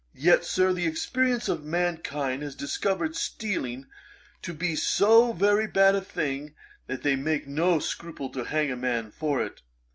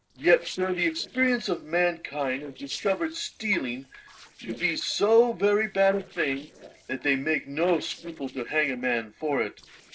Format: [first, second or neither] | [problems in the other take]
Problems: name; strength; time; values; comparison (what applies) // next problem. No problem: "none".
first | noise reduction (neural separator model SepFormer DNS4)